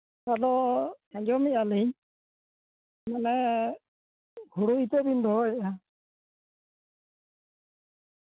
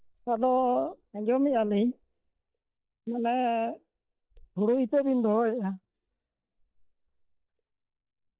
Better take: first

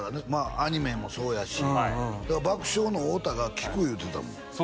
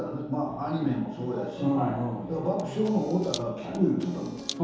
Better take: first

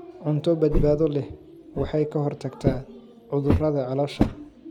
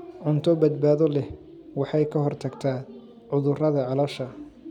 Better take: second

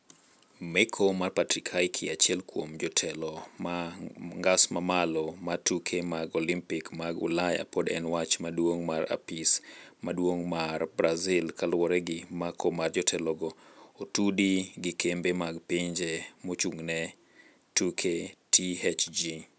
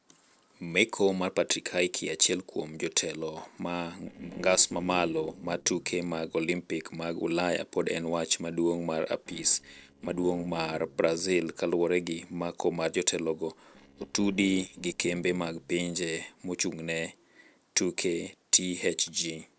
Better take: first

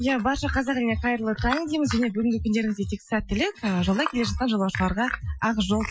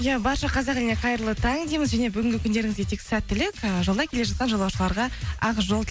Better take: second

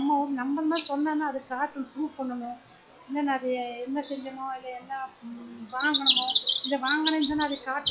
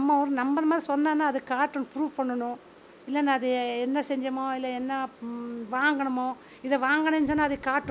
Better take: second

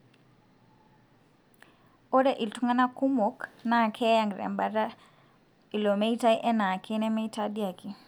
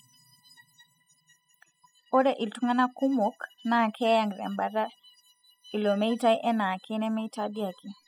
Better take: first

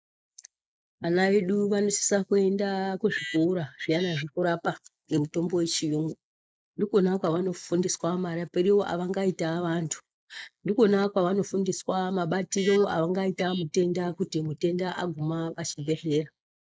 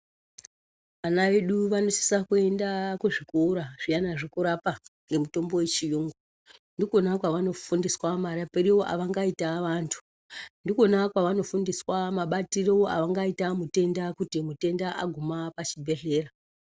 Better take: second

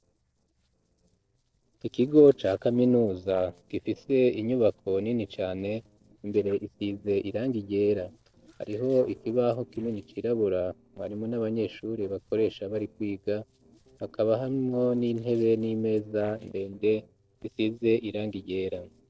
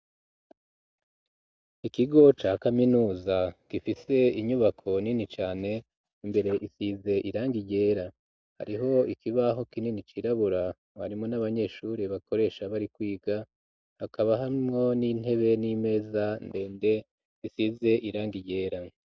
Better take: second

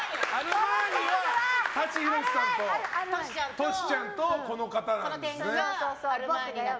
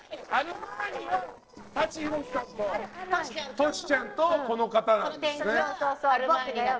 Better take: first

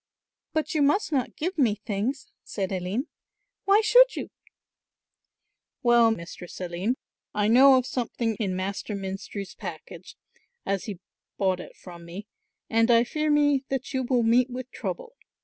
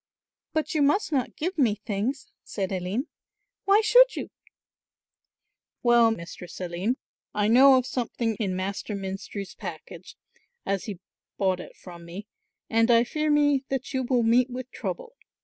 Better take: first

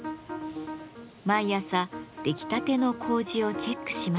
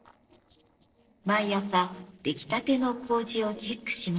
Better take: first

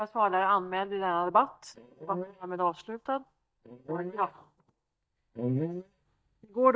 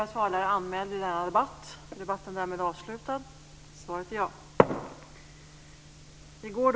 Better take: second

